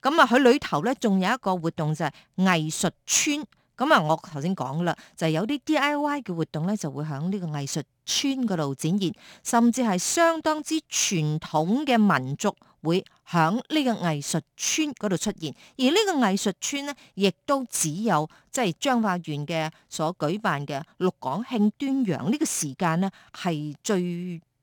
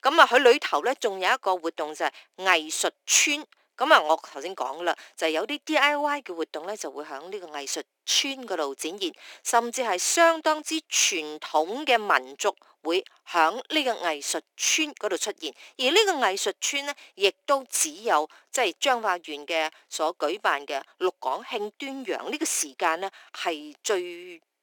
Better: first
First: none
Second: thin; very; fading below 350 Hz

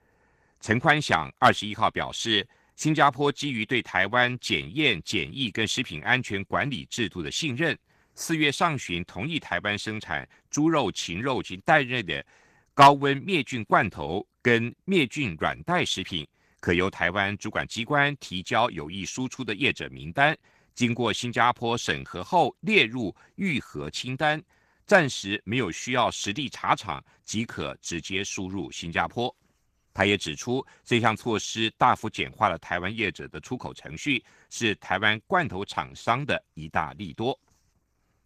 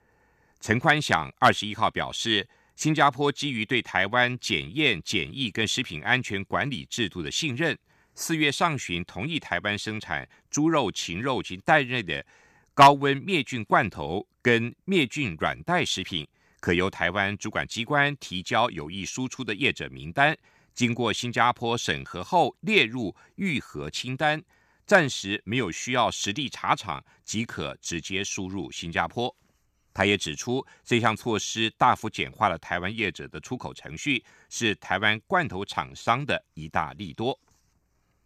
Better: second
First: garbled, watery; slightly; nothing above 14.5 kHz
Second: none

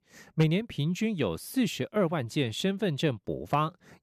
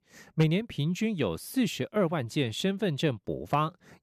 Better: neither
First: none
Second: none

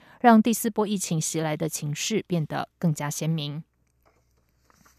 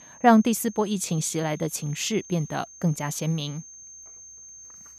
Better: first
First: none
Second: high-pitched whine; noticeable; throughout; 6.5 kHz, 20 dB below the speech

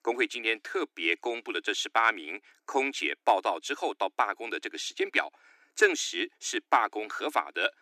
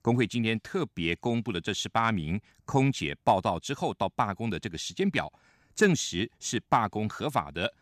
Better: second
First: thin; very; fading below 300 Hz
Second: none

